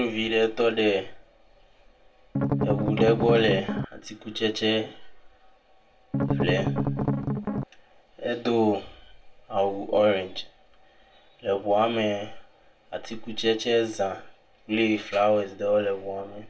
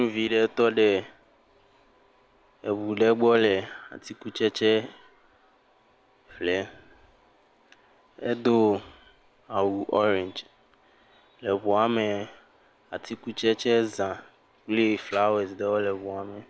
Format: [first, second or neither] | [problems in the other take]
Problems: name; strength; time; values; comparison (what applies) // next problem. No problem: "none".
second | background sound (Strum); 1 dB above the speech // room echo; dies away in 0.2 s